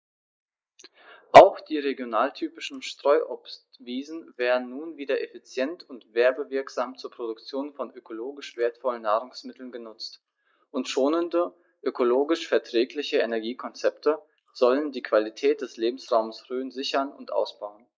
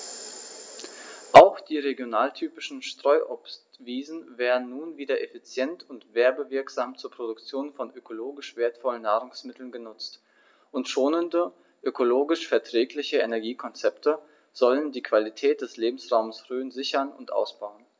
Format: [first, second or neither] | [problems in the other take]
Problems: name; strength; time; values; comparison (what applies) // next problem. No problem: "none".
second | noise reduction (neural mask model Resemble Enhance denoiser)